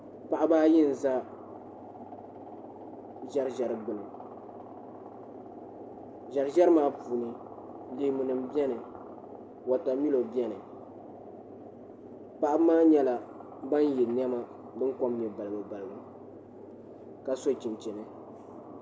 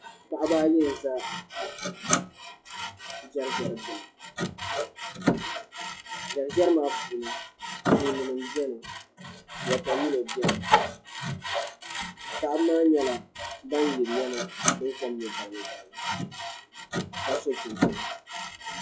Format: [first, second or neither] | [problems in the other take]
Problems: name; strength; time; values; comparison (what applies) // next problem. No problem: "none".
first | noise reduction (classical method log-MMSE)